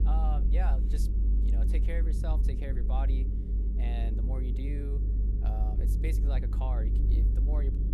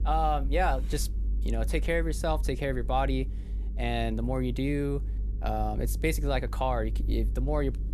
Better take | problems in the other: second | low rumble; loud; throughout; 4 dB below the speech; faint in the second

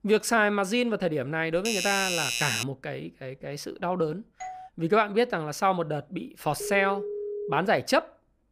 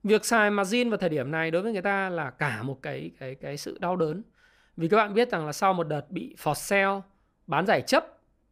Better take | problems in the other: second | doorbell; loud; from 1.5 to 2.5 s; peak 1 dB above the speech // doorbell; faint; at 4.5 s; peak 15 dB below the speech // phone ringing; noticeable; at 6.5 s; peak 7 dB below the speech

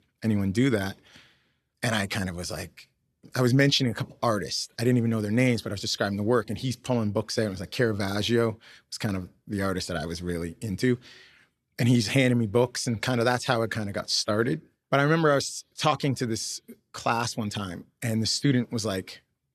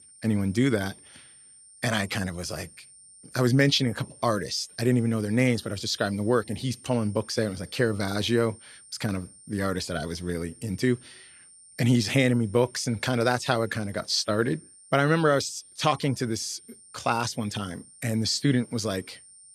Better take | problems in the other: first | high-pitched whine; faint; throughout; 9 kHz, 20 dB below the speech

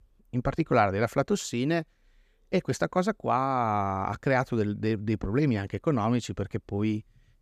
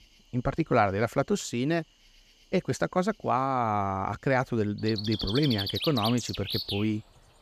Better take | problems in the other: first | animal sounds; loud; throughout; 5 dB below the speech

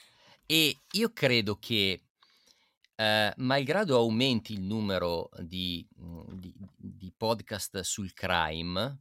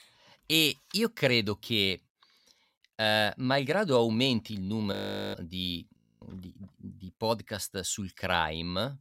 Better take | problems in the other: first | audio freezing; at 5 s and at 6 s

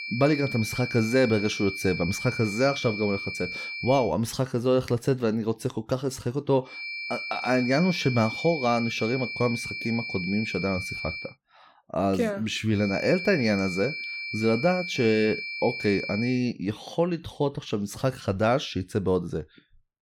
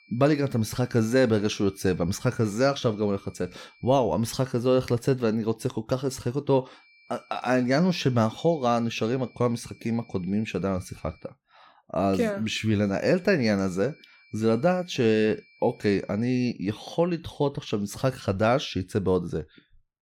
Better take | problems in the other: second | high-pitched whine; loud; until 4 s, from 7 to 11 s and from 13 to 16 s; 2.5 kHz, 6 dB below the speech; faint in the second

